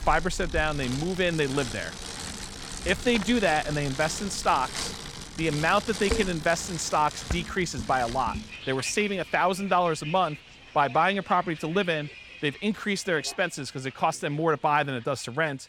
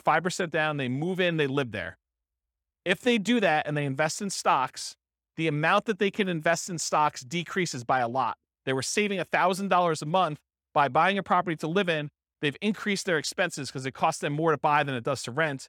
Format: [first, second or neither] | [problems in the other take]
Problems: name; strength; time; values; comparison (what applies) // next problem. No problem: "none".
second | traffic noise; noticeable; throughout; 10 dB below the speech